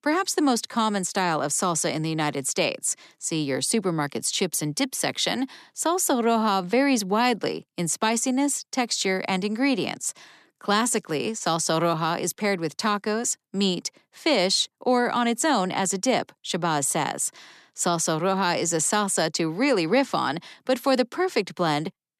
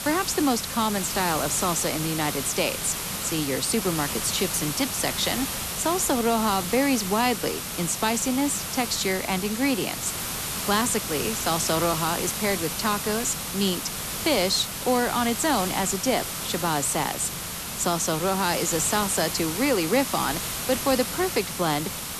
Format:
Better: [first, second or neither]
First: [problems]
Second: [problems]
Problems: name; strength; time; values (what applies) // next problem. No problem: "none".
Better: first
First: none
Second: hiss; loud; throughout; 4 dB below the speech